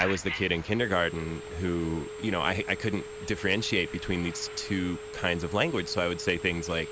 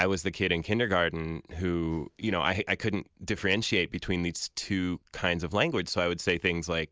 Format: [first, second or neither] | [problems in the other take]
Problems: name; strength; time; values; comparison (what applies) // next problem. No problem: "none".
second | background sound (Telephone); 10 dB below the speech